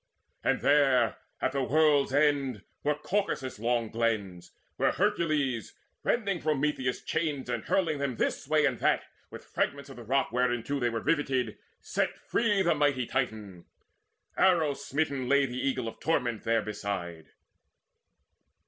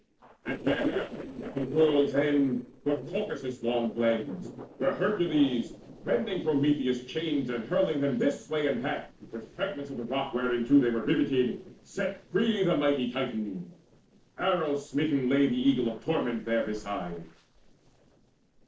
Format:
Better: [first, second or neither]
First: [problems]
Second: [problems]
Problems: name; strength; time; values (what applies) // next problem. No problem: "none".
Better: first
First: none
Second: noise reduction (neural separator model SepFormer DNS4)